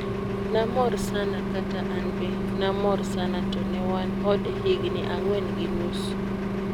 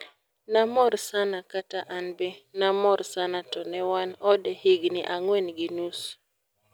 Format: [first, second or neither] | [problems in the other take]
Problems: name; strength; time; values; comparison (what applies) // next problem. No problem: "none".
second | background sound (Engine); 2 dB above the speech